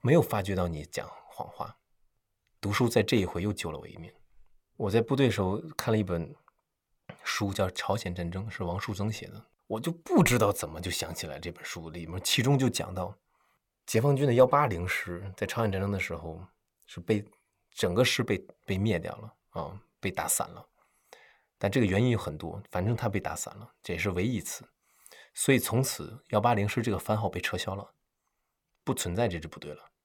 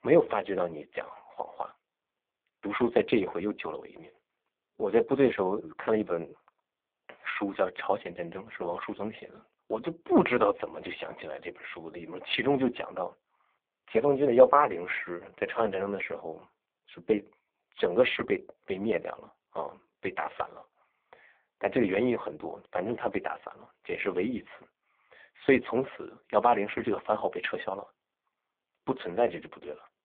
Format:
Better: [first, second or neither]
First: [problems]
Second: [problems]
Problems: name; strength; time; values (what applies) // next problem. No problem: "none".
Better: first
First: none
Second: phone-call audio; poor line; nothing above 3.5 kHz